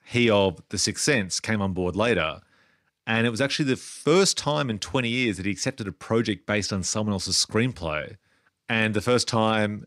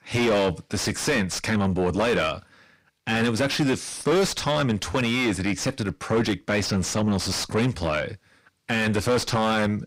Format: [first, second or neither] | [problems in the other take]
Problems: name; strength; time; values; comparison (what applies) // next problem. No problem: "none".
first | distortion; heavy; 5 dB below the speech